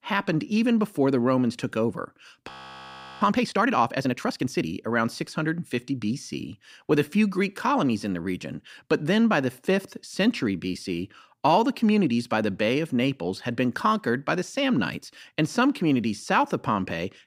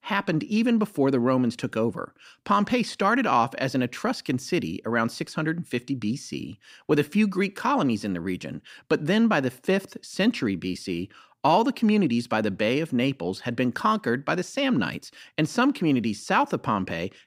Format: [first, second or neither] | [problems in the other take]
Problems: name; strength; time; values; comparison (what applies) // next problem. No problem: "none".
second | audio freezing; at 2.5 s for 0.5 s